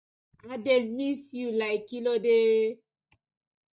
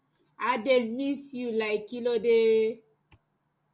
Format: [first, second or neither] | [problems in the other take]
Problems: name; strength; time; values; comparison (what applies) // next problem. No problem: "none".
second | noise reduction (neural mask model DeepFilterNet 3)